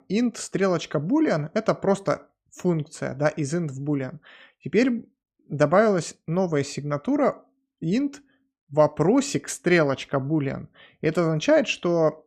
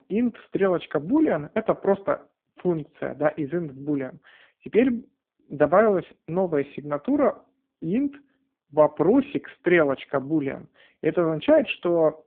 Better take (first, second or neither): first